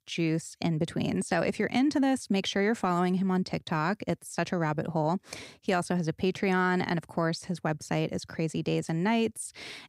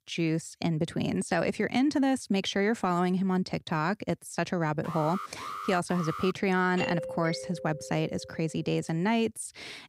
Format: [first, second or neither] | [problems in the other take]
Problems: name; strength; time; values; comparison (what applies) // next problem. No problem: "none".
first | alarm; noticeable; from 5 to 6.5 s; peak 8 dB below the speech // doorbell; noticeable; from 7 to 8.5 s; peak 5 dB below the speech